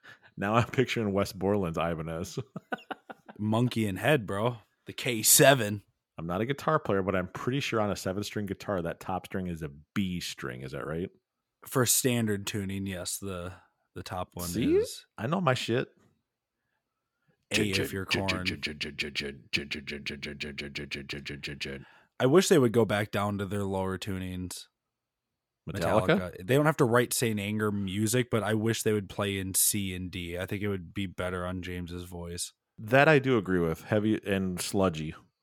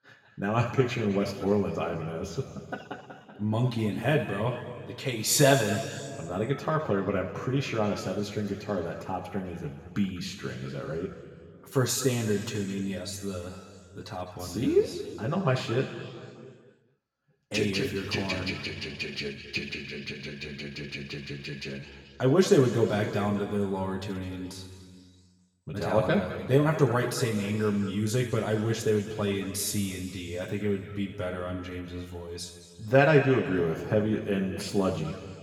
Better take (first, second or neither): first